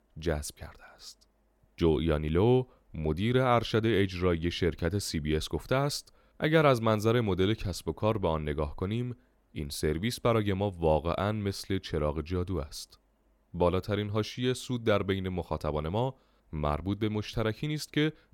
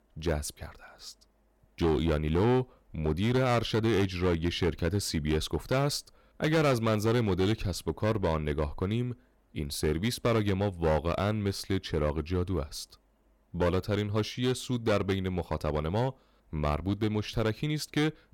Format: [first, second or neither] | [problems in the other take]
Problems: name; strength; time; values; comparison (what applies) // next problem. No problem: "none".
first | distortion; slight; 7% of the sound clipped